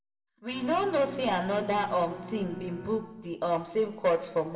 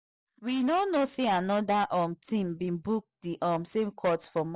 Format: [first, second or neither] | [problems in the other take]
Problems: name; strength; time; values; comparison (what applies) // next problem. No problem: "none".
second | background sound (Bowed string instrument); 15 dB below the speech // room echo; dies away in 1 s